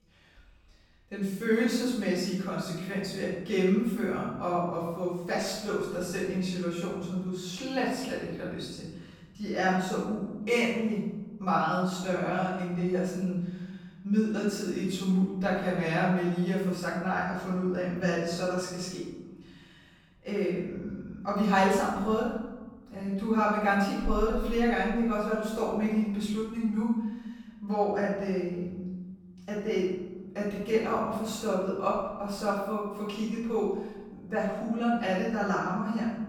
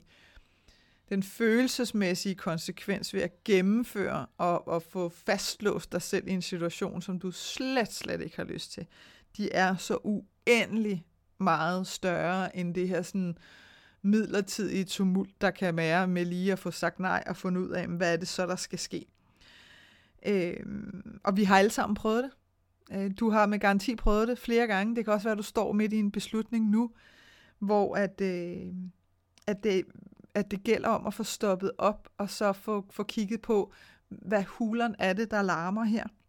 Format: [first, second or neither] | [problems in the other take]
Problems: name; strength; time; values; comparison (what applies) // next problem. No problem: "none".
second | off-mic speech; far // room echo; strong; dies away in 1.3 s